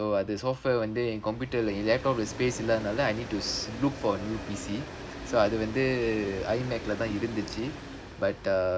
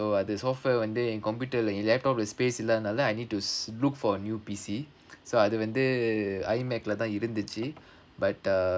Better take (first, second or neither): second